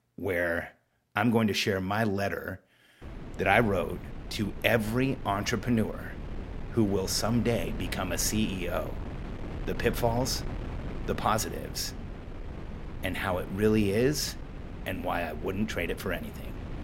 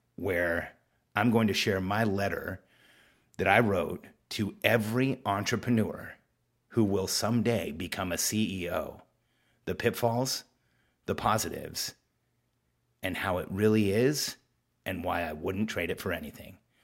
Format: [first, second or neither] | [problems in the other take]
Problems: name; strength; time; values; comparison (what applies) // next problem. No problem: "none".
second | wind noise on the microphone; occasional gusts; from 3 s on; 15 dB below the speech